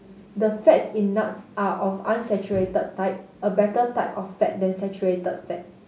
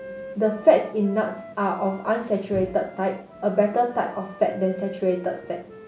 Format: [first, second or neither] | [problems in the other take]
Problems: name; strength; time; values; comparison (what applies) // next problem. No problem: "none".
first | background sound (Wind instrument, woodwind instrument); 18 dB below the speech